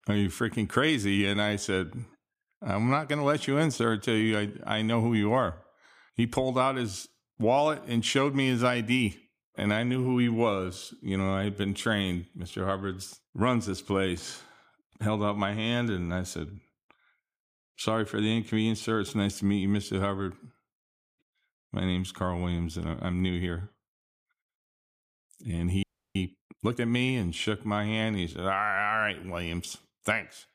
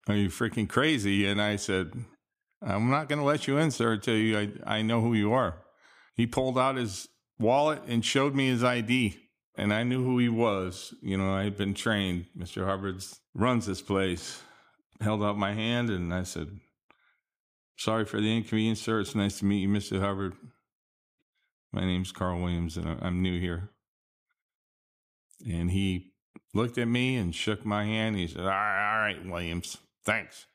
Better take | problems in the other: second | audio freezing; at 26 s

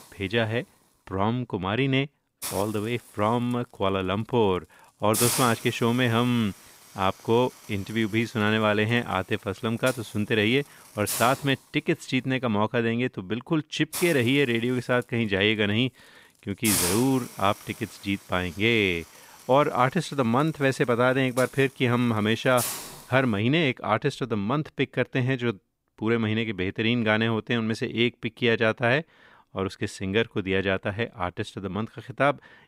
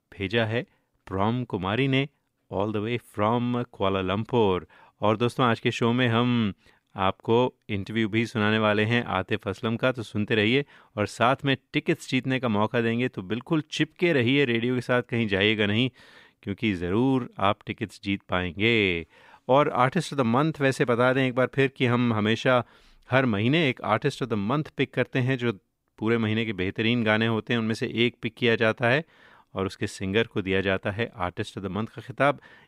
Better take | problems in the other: second | hiss; loud; until 23 s; 6 dB below the speech

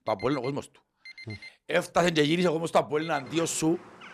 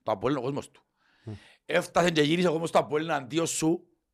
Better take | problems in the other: second | alarms or sirens; noticeable; throughout; 20 dB below the speech

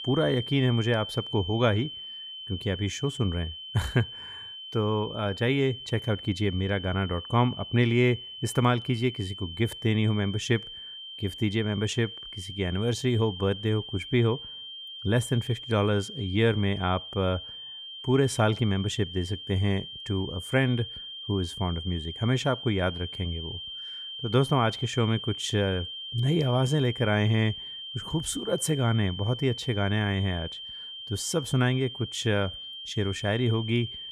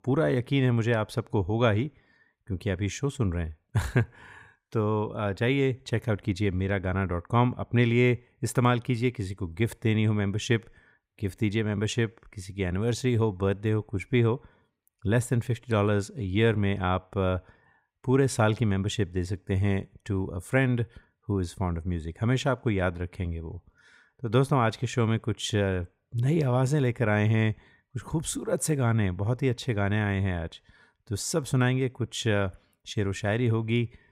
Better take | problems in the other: second | high-pitched whine; loud; throughout; 3 kHz, 10 dB below the speech

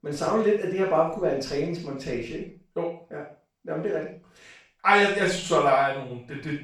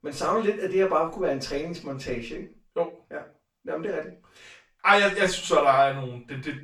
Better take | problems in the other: second | room echo; strong; dies away in 0.4 s; slight in the second // off-mic speech; far; far in the second

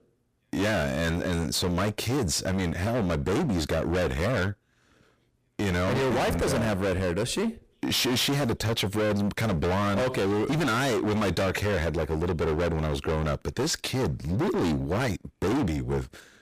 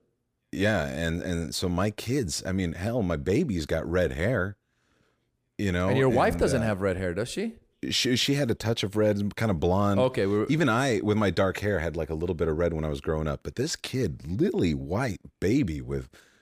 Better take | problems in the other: second | distortion; heavy; 33% of the sound clipped

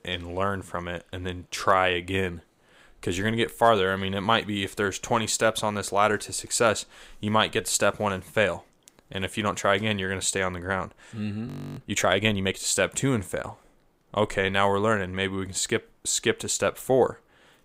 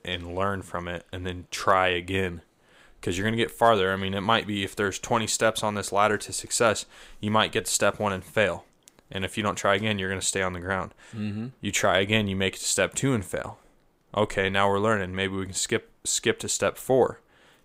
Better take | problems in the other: second | audio freezing; at 11 s

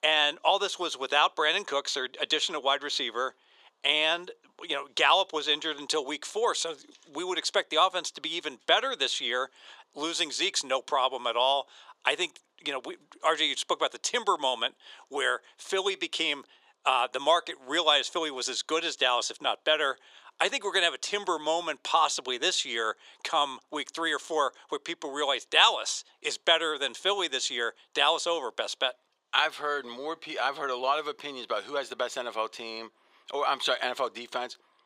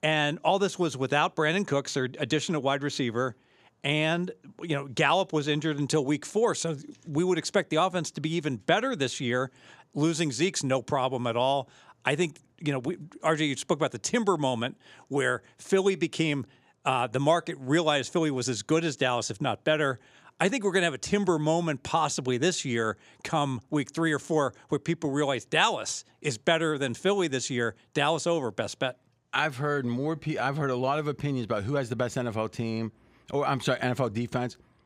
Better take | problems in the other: second | thin; very; fading below 450 Hz

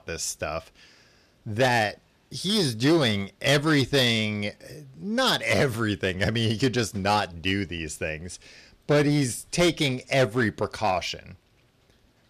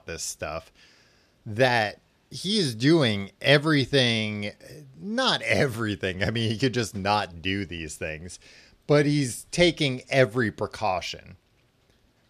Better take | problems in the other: second | distortion; slight; 6% of the sound clipped

